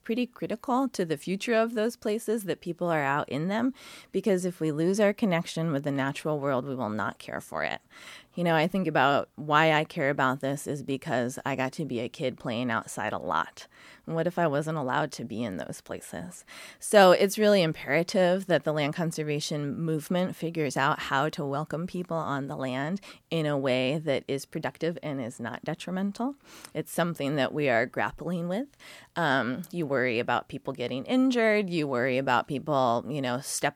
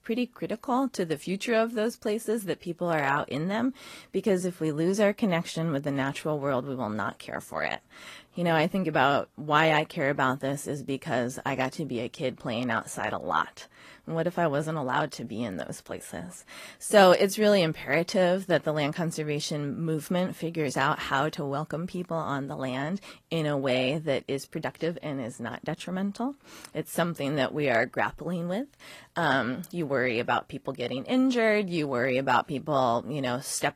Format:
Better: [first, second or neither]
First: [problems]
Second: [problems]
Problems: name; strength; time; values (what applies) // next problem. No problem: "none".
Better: first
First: none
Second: garbled, watery; slightly; nothing above 13.5 kHz